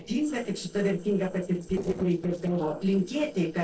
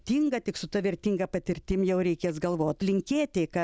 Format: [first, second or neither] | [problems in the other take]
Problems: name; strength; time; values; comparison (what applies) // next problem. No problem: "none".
second | noise reduction (neural separator model SepFormer DNS4)